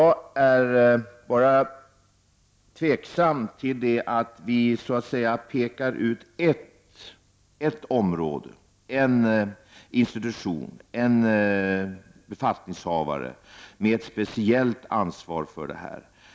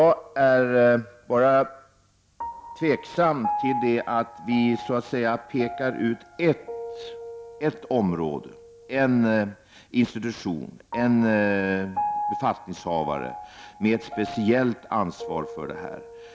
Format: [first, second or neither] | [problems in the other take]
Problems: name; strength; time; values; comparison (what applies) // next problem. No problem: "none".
first | background sound (Piano); 12 dB below the speech